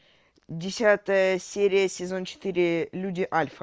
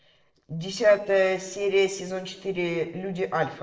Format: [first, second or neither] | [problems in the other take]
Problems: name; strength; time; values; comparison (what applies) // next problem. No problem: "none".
first | noise reduction (neural separator model SepFormer DNS4)